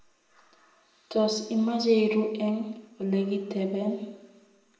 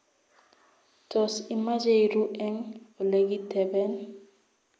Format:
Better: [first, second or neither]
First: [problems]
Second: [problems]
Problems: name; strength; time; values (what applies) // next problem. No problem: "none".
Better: second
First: room echo; dies away in 0.8 s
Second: none